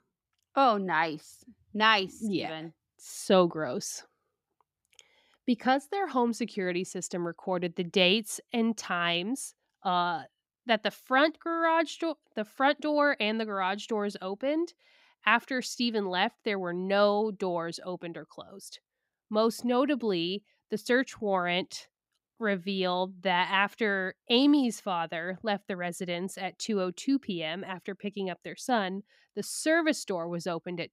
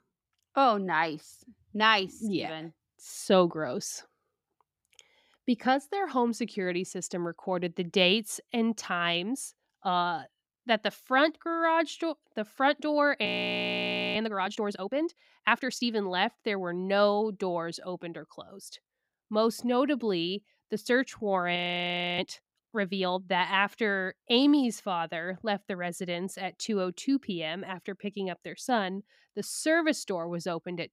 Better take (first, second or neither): first